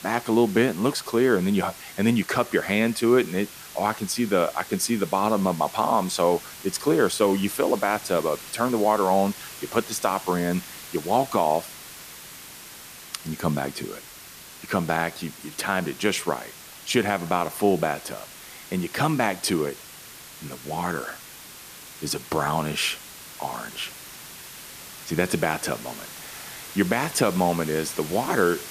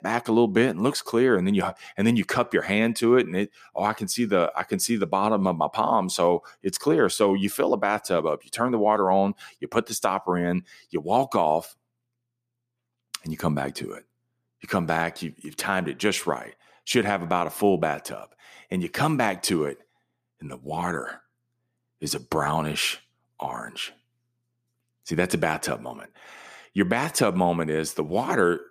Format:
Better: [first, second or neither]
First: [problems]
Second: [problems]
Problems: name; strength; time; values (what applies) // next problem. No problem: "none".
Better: second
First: hiss; noticeable; throughout; 15 dB below the speech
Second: none